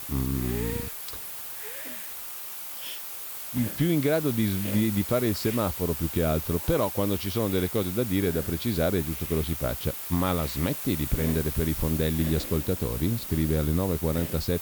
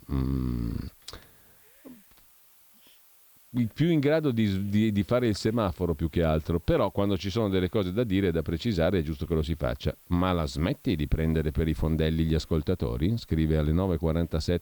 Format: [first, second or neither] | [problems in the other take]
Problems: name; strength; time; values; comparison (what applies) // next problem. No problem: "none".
second | hiss; loud; throughout; 5 dB below the speech; faint in the second